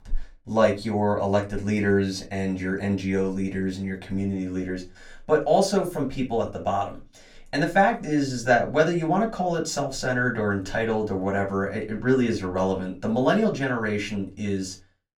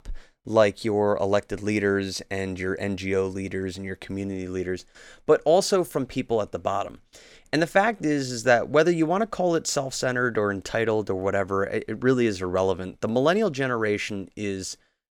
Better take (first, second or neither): second